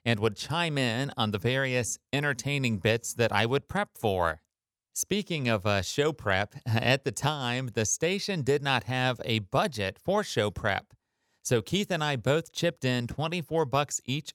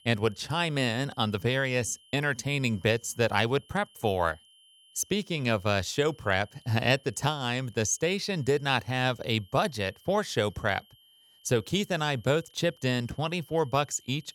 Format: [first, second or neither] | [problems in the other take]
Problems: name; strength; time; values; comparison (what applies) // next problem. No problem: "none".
first | high-pitched whine; faint; throughout; 3 kHz, 30 dB below the speech